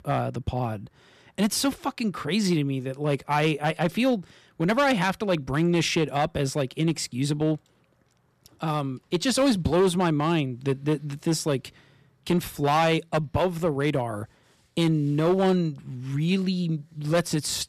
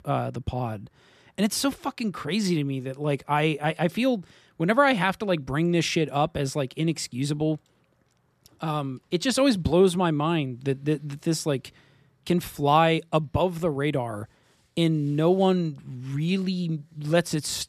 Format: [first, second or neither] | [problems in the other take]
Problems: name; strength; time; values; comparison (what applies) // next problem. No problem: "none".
second | distortion; slight; 4% of the sound clipped